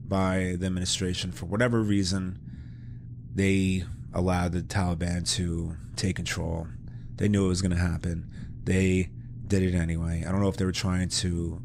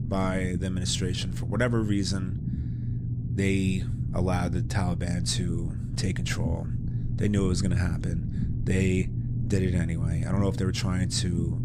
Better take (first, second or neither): first